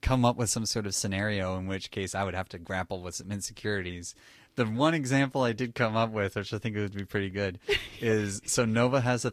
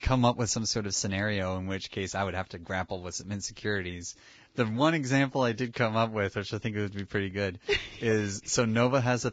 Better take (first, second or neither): first